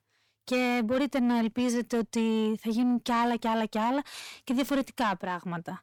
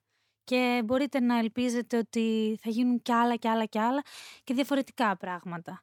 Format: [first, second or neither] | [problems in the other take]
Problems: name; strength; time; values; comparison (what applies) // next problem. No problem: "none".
second | distortion; slight; 10 dB below the speech